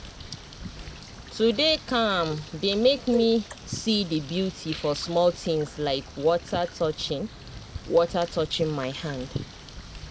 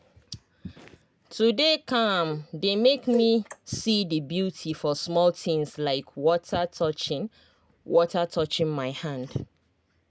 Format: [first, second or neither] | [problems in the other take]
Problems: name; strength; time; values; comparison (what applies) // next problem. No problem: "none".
second | background sound (Bird); 15 dB below the speech